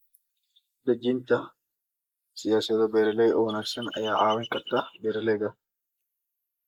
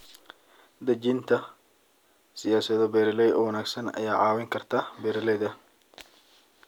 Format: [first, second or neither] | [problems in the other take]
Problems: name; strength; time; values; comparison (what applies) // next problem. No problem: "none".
second | noise reduction (neural mask model Resemble Enhance denoiser)